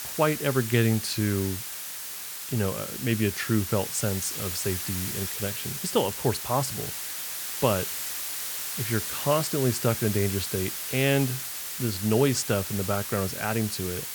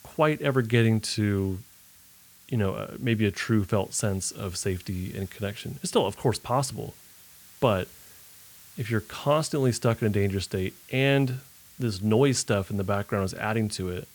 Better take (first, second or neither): second